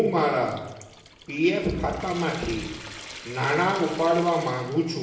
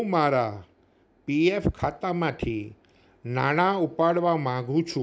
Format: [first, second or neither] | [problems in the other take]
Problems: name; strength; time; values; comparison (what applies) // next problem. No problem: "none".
second | background sound (Trickle, dribble / Sink (filling or washing) / Water tap, faucet); 16 dB below the speech // room echo; dies away in 0.9 s